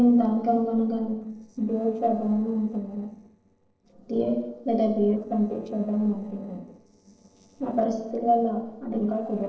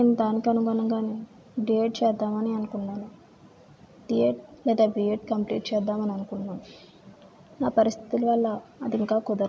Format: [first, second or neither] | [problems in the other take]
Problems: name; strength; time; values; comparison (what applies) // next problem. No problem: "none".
second | noise reduction (neural separator model SepFormer DNS4)